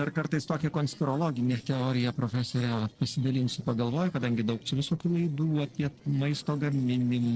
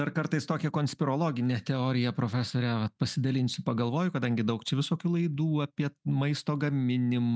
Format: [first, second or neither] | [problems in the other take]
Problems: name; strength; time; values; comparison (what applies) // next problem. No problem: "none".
second | noise reduction (neural separator model SepFormer DNS4)